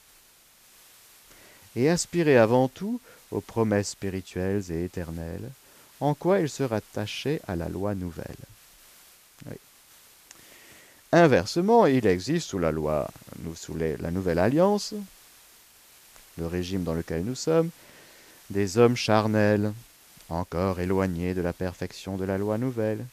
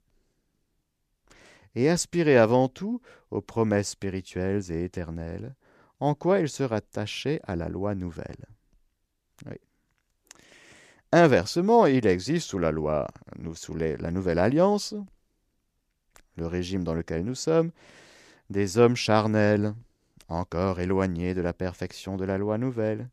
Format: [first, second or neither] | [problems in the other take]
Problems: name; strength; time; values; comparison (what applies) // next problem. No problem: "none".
second | hiss; faint; throughout; 25 dB below the speech